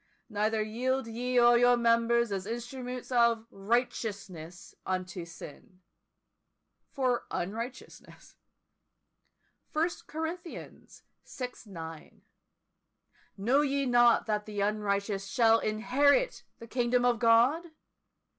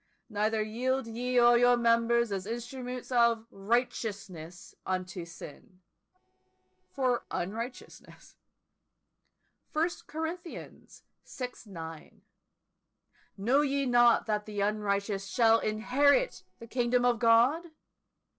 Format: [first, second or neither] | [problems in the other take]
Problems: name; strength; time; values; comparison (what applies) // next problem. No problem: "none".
first | noise reduction (neural separator model SepFormer DNS4)